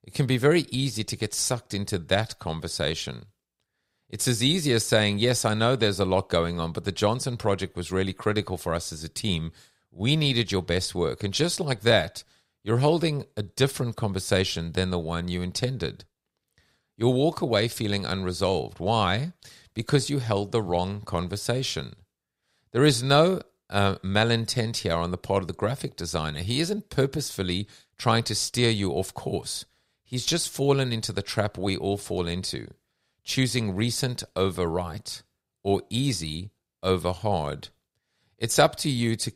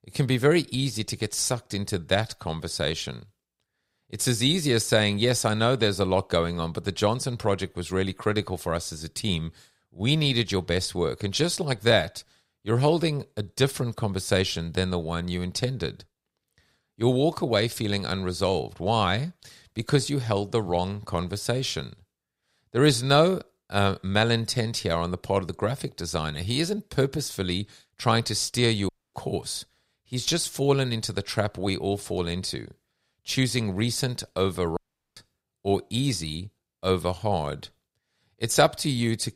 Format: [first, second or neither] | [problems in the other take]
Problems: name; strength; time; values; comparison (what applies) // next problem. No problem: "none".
first | audio cutting out; at 29 s and at 35 s